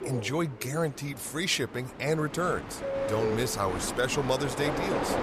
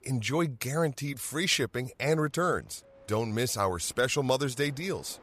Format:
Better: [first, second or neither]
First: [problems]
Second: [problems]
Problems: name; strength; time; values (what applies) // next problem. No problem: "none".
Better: second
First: train or aircraft noise; loud; throughout; 4 dB below the speech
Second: train or aircraft noise; faint; throughout; 30 dB below the speech